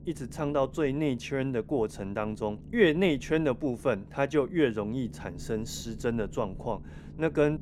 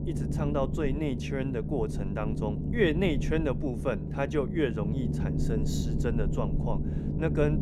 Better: first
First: low rumble; faint; throughout; 25 dB below the speech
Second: low rumble; loud; throughout; 7 dB below the speech

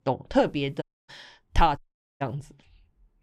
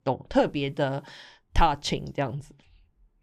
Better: second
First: audio cutting out; at 1 s and at 2 s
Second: none

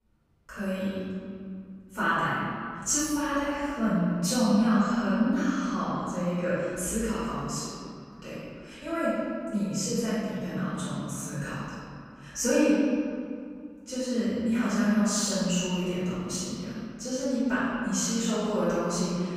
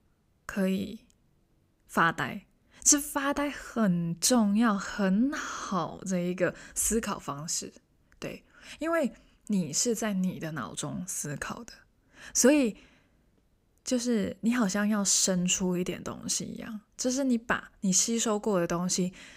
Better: second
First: off-mic speech; far // room echo; strong; dies away in 2.3 s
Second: none

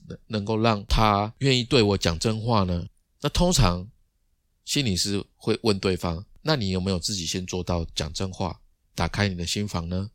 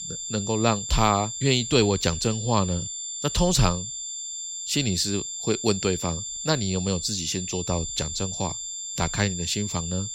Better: first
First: none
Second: high-pitched whine; loud; throughout; 7.5 kHz, 5 dB below the speech

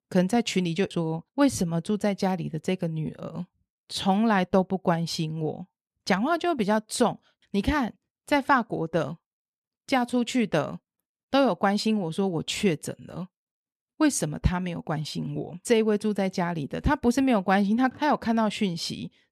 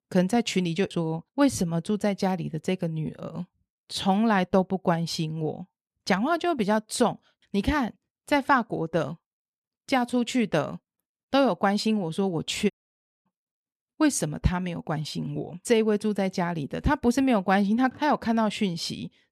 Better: first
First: none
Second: audio cutting out; at 13 s for 0.5 s

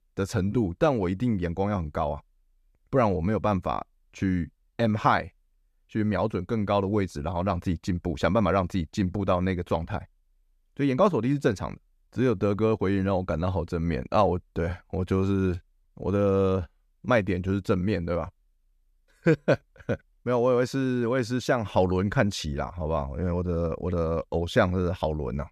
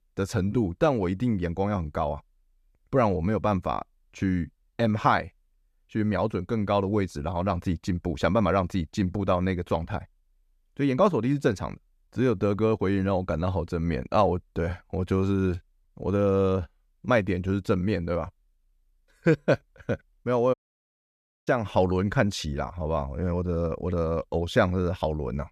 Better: first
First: none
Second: audio cutting out; at 21 s for 1 s

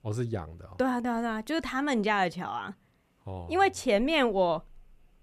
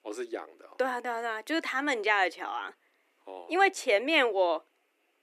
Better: first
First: none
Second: thin; somewhat; fading below 300 Hz

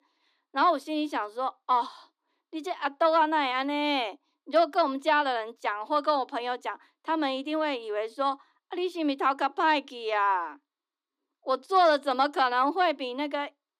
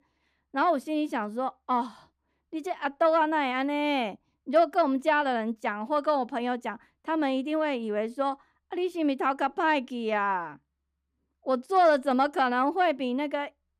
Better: second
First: thin; very slightly; fading below 300 Hz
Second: none

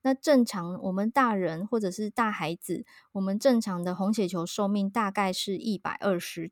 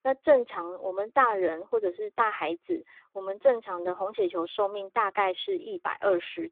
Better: first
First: none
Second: phone-call audio; poor line; nothing above 3.5 kHz

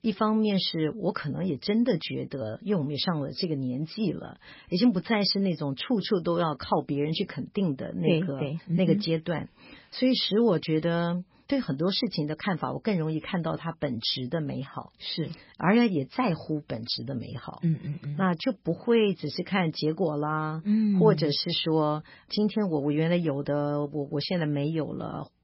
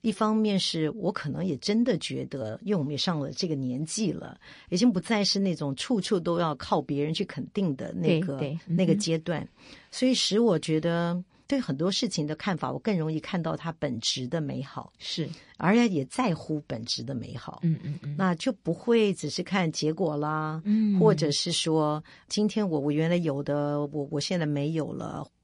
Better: second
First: garbled, watery; badly; nothing above 5.5 kHz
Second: garbled, watery; slightly; nothing above 10.5 kHz

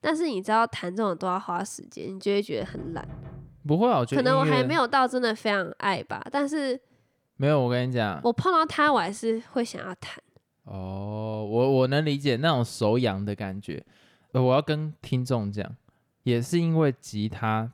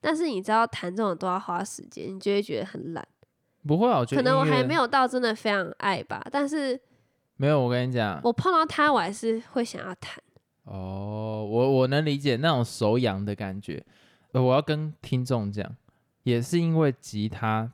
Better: second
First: door banging; faint; from 2.5 to 3.5 s; peak 15 dB below the speech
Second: none

